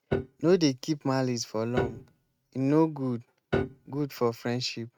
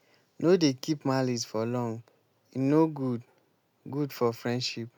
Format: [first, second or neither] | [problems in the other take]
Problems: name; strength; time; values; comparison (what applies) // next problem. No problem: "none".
second | noise reduction (neural mask model RNNoise)